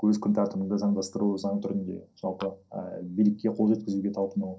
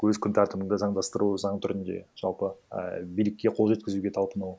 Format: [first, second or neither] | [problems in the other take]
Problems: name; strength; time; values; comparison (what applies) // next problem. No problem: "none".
second | noise reduction (neural separator model SepFormer DNS4)